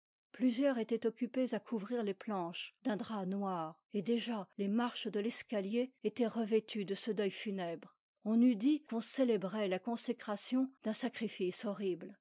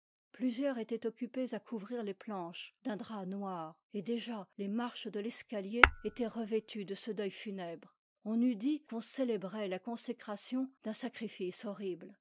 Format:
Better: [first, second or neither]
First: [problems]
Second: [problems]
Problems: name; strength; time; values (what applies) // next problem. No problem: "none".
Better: first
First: none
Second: background sound (Tap / Hammer); 4 dB above the speech